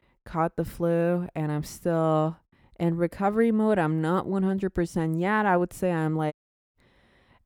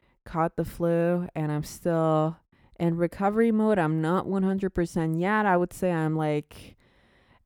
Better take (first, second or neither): second